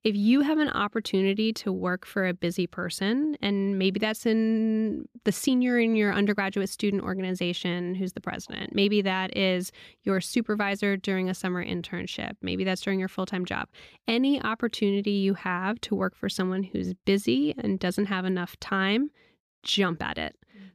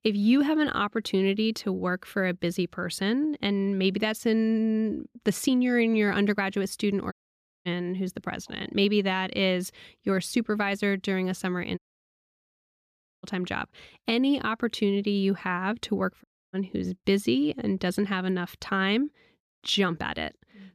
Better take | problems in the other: first | audio cutting out; at 7 s for 0.5 s, at 12 s for 1.5 s and at 16 s

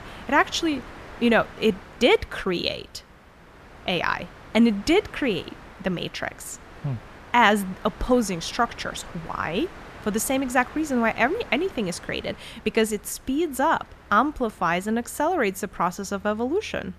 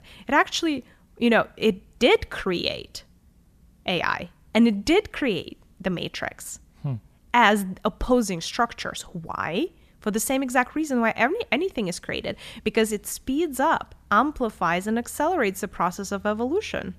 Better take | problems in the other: second | wind noise on the microphone; occasional gusts; 20 dB below the speech

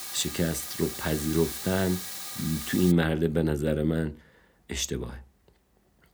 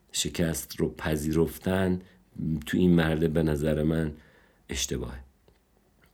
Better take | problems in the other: second | hiss; loud; until 3 s; 7 dB below the speech

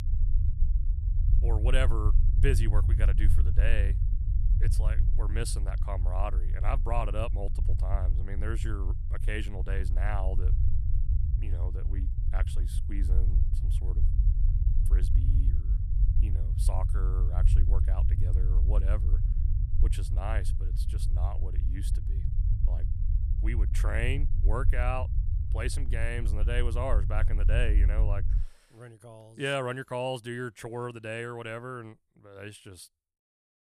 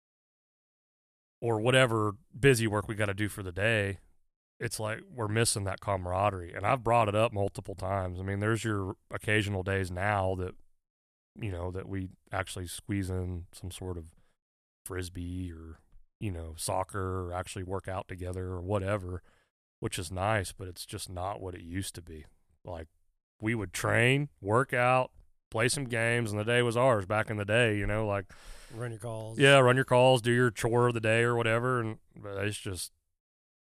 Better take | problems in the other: second | low rumble; noticeable; until 28 s; 10 dB below the speech

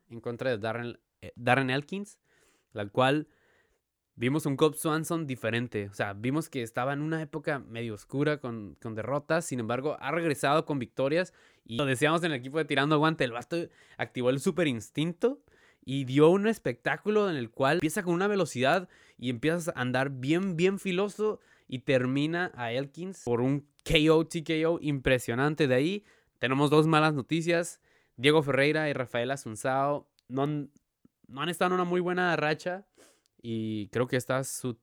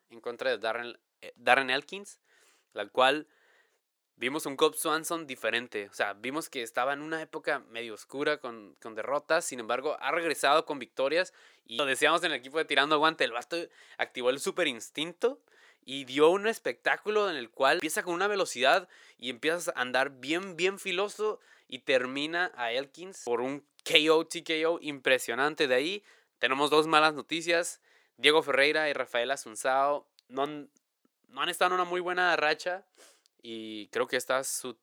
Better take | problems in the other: first | thin; somewhat; fading below 500 Hz

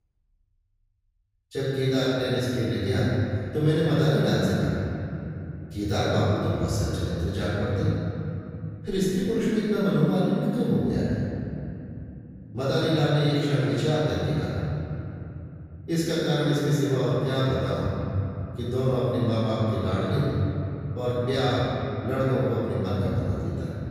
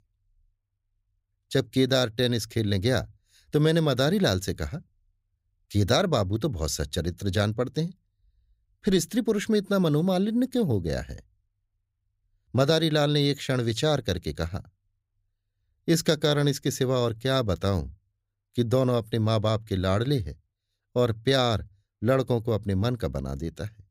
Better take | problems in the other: second | off-mic speech; far // room echo; strong; dies away in 3 s

